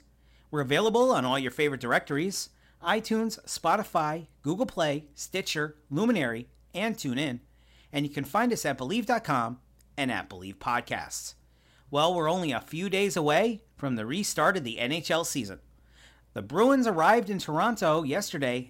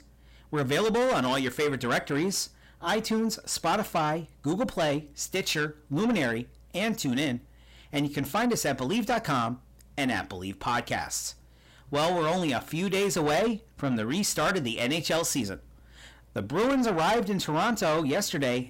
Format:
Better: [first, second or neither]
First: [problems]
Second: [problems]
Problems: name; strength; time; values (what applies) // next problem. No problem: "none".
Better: first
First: none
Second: distortion; heavy; 7 dB below the speech